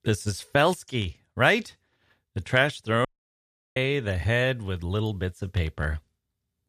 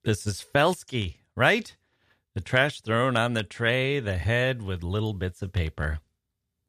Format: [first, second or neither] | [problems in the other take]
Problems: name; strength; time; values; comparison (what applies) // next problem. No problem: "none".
second | audio cutting out; at 3 s for 0.5 s